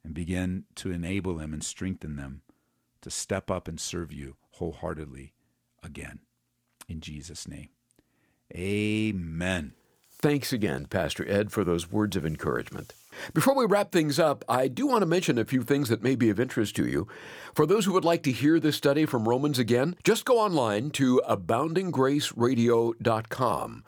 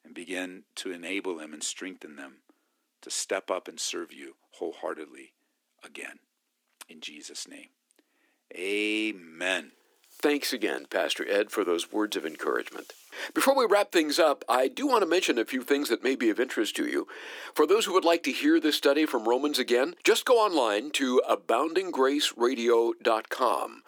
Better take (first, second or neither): first